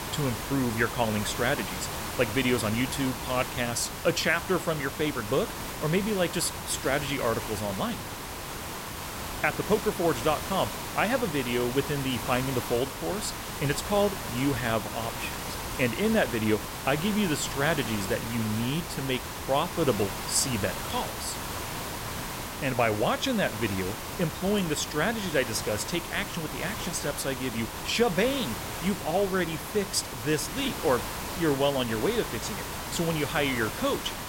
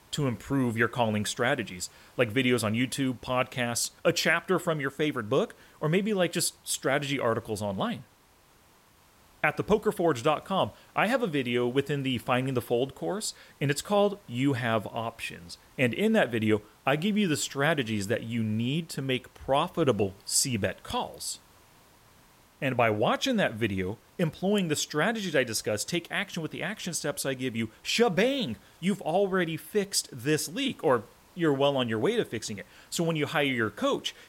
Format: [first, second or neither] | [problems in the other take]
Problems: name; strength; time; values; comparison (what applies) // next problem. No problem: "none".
second | hiss; loud; throughout; 6 dB below the speech; faint in the second